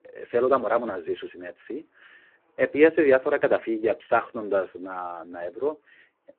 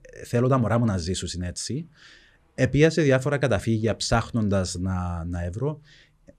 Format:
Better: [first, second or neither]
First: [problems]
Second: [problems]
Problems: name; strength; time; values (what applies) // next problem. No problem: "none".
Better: second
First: phone-call audio; poor line; nothing above 3.5 kHz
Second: none